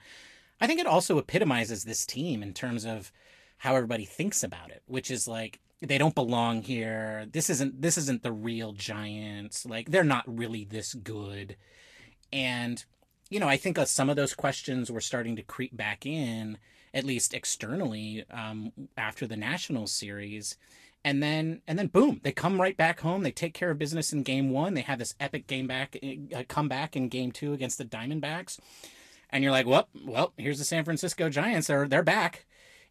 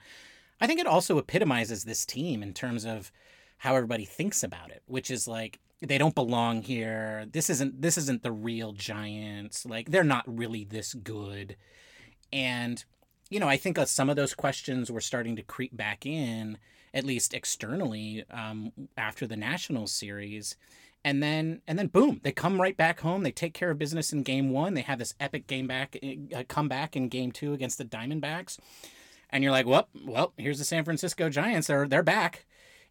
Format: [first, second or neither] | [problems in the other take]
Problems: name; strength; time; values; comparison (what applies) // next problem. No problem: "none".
second | garbled, watery; slightly; nothing above 12.5 kHz